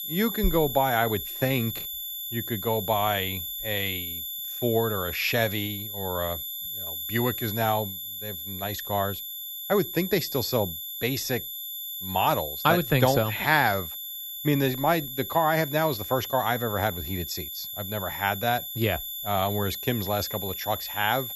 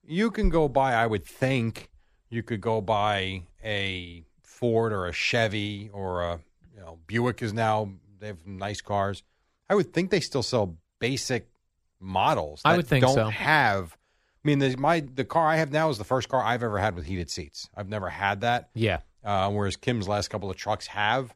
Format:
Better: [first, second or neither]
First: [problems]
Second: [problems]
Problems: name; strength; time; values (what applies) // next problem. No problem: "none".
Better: second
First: high-pitched whine; loud; throughout; 11.5 kHz, 5 dB below the speech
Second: none